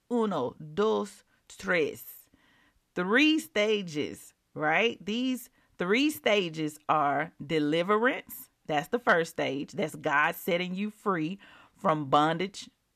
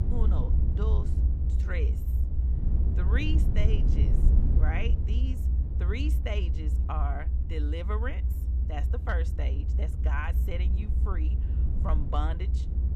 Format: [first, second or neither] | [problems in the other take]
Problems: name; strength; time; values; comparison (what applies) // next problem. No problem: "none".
first | low rumble; loud; throughout; 6 dB below the speech